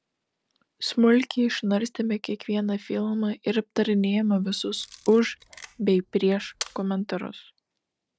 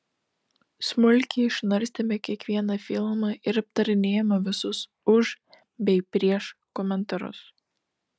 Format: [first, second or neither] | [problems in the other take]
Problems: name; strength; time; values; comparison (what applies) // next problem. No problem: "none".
second | noise reduction (neural separator model SepFormer DNS4)